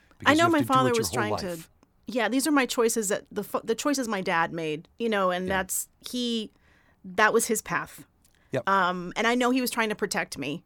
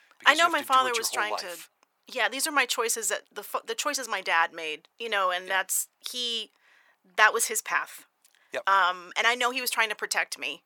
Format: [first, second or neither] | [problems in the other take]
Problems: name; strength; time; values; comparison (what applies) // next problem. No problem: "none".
first | thin; very; fading below 750 Hz